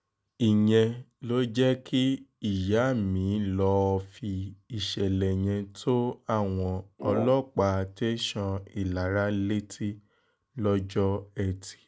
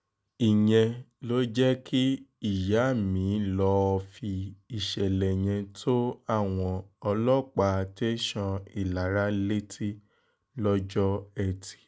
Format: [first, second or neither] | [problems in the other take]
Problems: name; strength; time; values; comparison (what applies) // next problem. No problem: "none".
second | background sound (Brass instrument); 9 dB below the speech